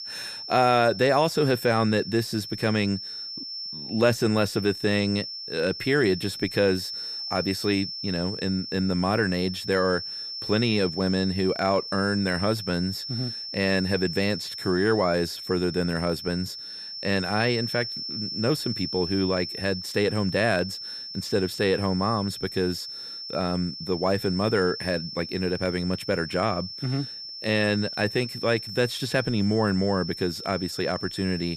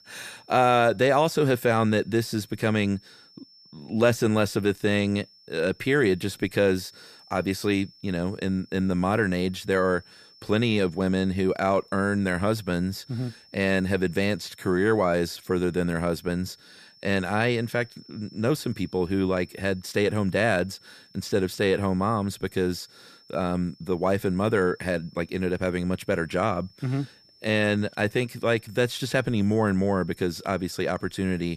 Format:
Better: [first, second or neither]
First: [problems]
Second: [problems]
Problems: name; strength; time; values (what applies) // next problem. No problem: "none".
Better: second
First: high-pitched whine; loud; throughout; 5.5 kHz, 8 dB below the speech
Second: high-pitched whine; faint; throughout; 5.5 kHz, 25 dB below the speech